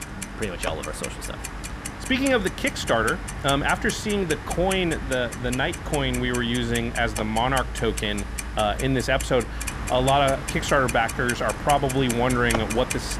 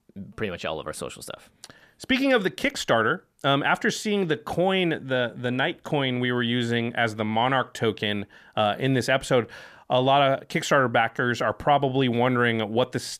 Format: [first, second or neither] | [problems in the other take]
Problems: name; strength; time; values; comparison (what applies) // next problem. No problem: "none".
second | household noises; loud; throughout; 7 dB below the speech